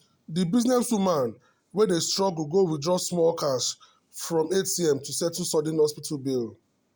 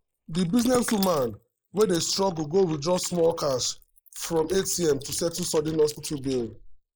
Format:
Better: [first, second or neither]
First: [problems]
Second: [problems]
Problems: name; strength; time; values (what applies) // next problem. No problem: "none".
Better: first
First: none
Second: noise reduction (neural mask model Resemble Enhance denoiser)